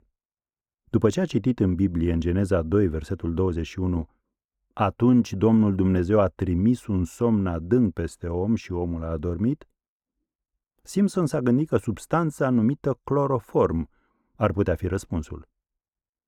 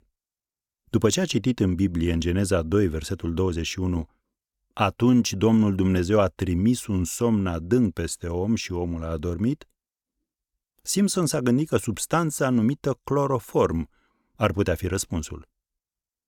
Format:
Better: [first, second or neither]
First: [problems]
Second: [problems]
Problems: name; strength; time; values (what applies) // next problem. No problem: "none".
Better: second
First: muffled; slightly; fading above 2.5 kHz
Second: none